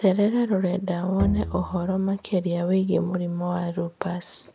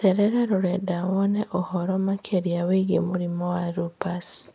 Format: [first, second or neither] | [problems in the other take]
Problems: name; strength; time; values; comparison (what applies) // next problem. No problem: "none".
second | background sound (Bowed string instrument); 8 dB below the speech